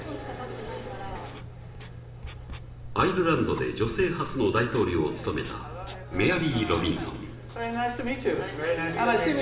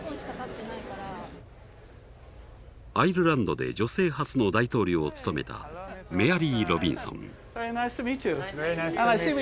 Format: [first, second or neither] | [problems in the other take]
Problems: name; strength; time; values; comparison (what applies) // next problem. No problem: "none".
second | background sound (Writing); 14 dB below the speech // room echo; dies away in 1 s